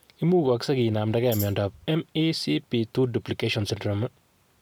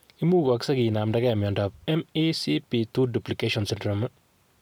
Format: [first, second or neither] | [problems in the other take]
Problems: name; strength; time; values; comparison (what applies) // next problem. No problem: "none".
second | background sound (Tambourine); 13 dB below the speech